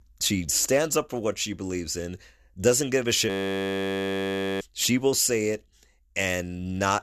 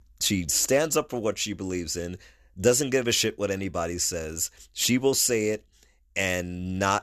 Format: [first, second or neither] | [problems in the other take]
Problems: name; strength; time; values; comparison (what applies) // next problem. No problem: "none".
second | audio freezing; at 3.5 s for 1.5 s